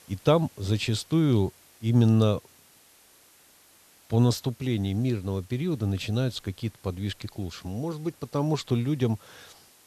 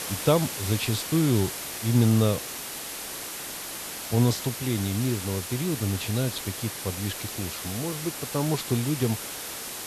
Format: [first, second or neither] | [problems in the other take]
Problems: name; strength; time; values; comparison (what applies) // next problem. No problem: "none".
first | hiss; loud; throughout; 6 dB below the speech; faint in the first